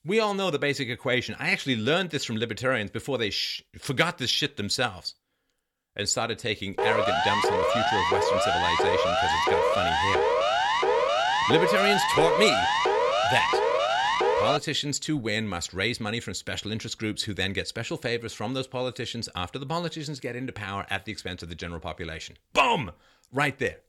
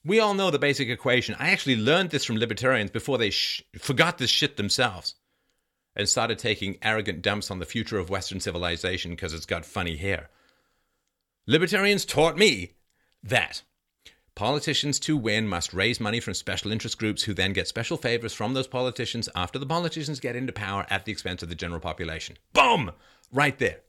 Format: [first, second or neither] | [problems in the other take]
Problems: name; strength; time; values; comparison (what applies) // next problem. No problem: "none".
second | siren; loud; from 7 to 15 s; peak 5 dB above the speech